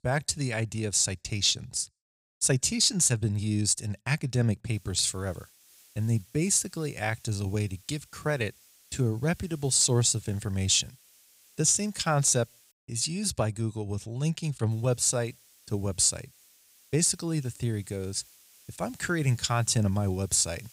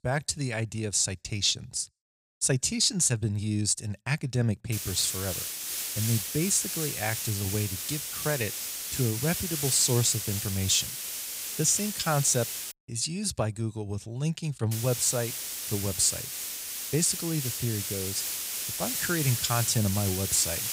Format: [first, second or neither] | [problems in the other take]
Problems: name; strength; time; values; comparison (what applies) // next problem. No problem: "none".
first | hiss; loud; from 4.5 to 13 s and from 15 s on; 3 dB below the speech; faint in the first